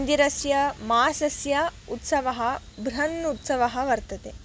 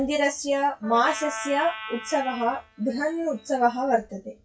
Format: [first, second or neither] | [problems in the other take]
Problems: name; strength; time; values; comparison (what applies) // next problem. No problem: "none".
first | noise reduction (classical method WPE with log-MMSE)